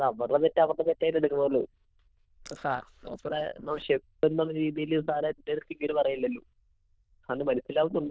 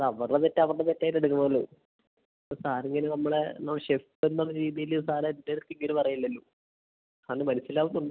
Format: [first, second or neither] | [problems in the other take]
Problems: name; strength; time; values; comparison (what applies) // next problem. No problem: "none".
second | noise reduction (neural diffusion model UNIVERSE++)